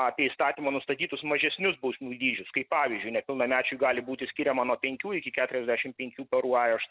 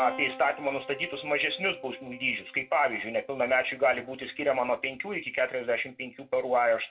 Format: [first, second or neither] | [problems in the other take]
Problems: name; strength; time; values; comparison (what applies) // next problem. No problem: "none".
first | background sound (Keyboard (musical)); 18 dB below the speech // room echo; dies away in 0.2 s